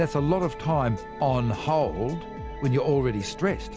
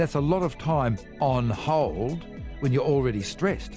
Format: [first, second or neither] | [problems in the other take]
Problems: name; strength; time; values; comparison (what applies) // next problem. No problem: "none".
second | background sound (Wind instrument, woodwind instrument); 15 dB below the speech